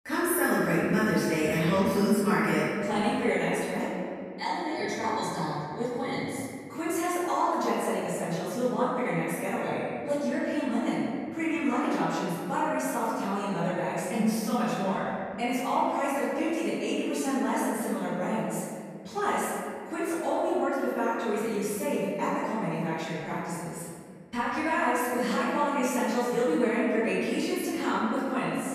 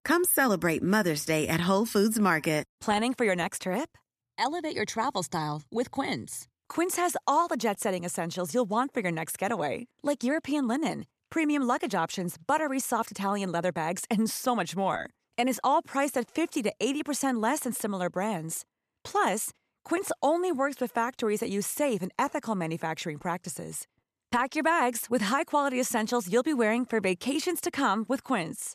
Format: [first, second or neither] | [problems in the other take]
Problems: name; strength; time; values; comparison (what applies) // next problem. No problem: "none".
second | off-mic speech; far // room echo; strong; dies away in 2 s